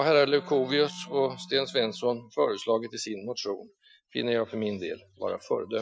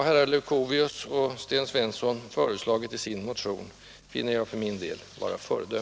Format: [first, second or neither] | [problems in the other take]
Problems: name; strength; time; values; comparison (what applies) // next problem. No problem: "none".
second | noise reduction (classical method Wiener filter)